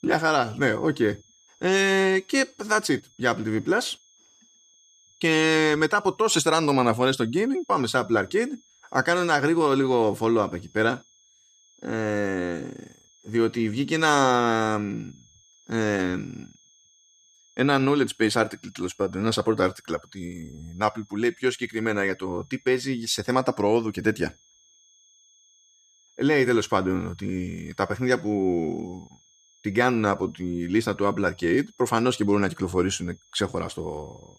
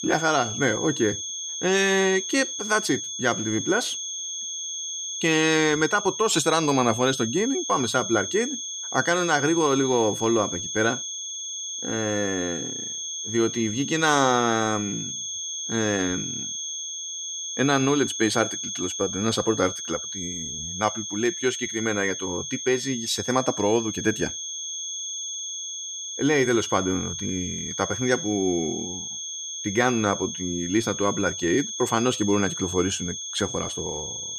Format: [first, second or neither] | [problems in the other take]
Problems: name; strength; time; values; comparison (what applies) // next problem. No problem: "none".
first | high-pitched whine; loud; throughout; 6.5 kHz, 5 dB below the speech; faint in the first